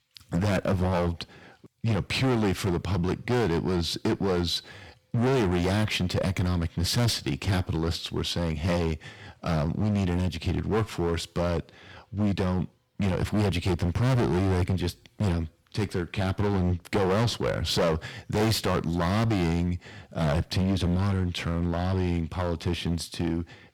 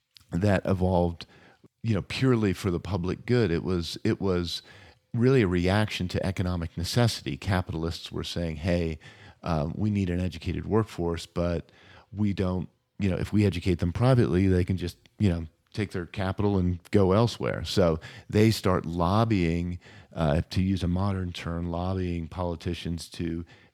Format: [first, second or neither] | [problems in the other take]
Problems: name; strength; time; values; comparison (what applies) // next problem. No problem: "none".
second | distortion; heavy; 15% of the sound clipped